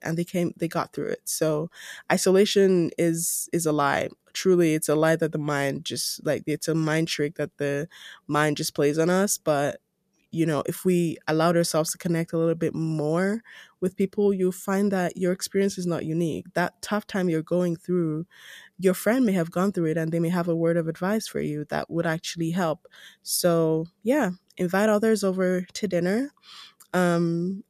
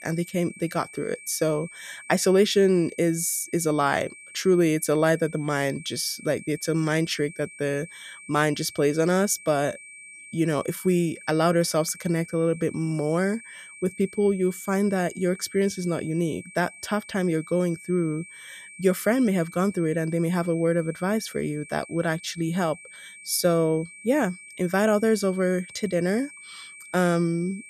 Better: first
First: none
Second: high-pitched whine; noticeable; throughout; 2.5 kHz, 15 dB below the speech

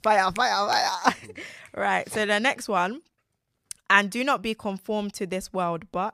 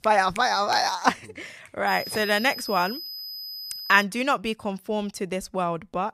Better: first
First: none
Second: high-pitched whine; loud; from 2 to 4 s; 5 kHz, 10 dB below the speech

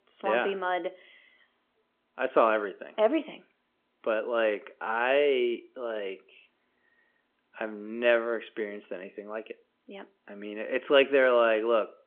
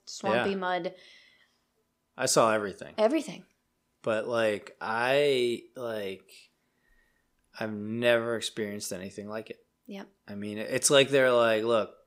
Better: second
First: phone-call audio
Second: none

